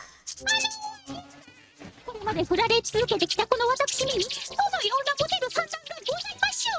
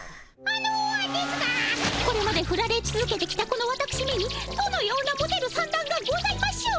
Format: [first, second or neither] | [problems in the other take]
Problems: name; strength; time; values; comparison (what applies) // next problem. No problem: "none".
second | noise reduction (neural mask model RNNoise)